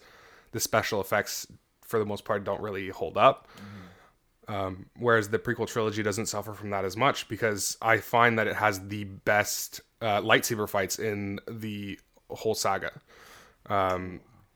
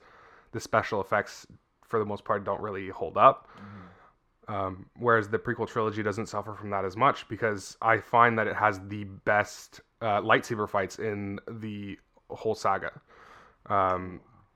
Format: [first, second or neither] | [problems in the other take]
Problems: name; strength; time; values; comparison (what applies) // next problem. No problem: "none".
first | muffled; slightly; fading above 2 kHz